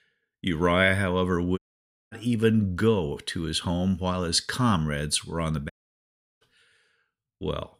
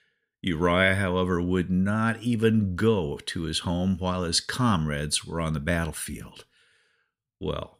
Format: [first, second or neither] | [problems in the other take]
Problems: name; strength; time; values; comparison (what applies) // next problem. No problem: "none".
second | audio cutting out; at 1.5 s for 0.5 s and at 5.5 s for 0.5 s